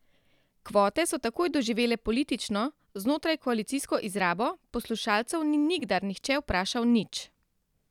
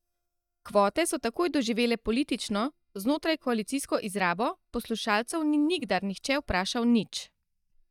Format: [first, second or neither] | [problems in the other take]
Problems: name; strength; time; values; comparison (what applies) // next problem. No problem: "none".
first | noise reduction (neural mask model DeepFilterNet 3)